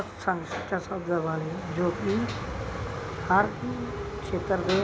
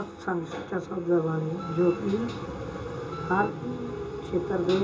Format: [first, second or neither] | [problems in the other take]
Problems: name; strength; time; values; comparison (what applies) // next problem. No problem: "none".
first | background sound (Wind instrument, woodwind instrument); 16 dB below the speech // room echo; dies away in 0.2 s